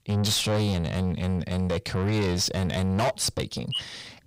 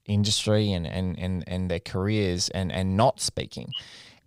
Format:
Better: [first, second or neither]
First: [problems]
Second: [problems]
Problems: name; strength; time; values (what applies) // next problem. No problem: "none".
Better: second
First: distortion; heavy; 7 dB below the speech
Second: none